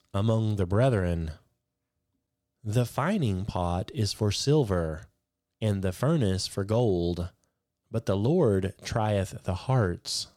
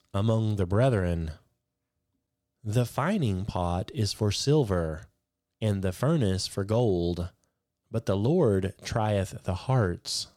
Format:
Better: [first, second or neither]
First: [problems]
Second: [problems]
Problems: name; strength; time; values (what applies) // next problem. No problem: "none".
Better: neither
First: none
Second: none